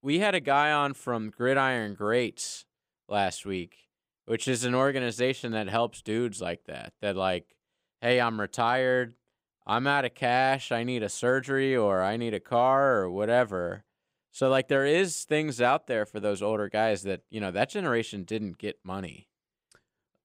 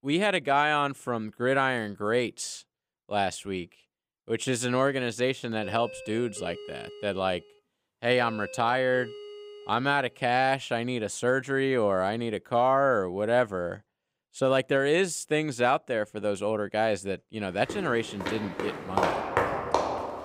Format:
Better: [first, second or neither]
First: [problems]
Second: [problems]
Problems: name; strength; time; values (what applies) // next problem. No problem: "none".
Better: first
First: none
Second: doorbell; faint; from 5.5 to 10 s; peak 15 dB below the speech // footsteps; loud; from 18 s on; peak 1 dB above the speech